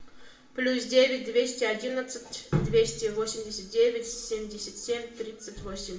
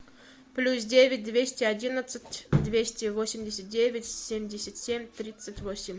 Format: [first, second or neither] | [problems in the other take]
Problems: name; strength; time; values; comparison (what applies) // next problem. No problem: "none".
second | room echo; dies away in 0.6 s